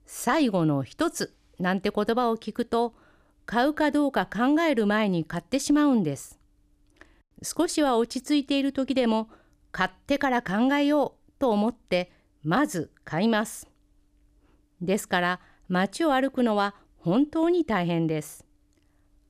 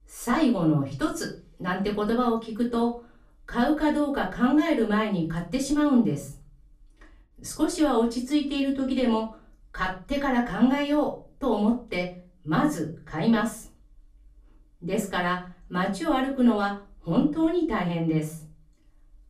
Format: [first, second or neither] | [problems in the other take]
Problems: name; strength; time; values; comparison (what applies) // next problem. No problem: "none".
first | off-mic speech; far // room echo; slight; dies away in 0.3 s